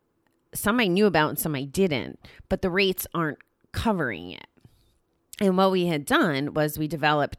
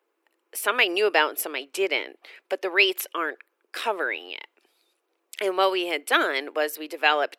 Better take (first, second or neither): first